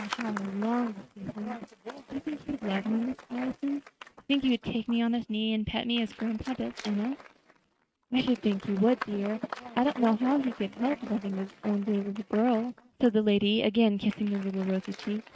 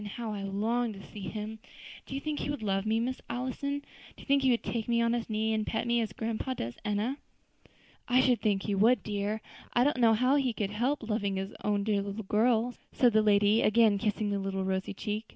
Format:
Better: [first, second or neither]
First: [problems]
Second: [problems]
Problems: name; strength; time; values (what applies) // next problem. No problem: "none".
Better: second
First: noise reduction (neural mask model RNNoise)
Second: none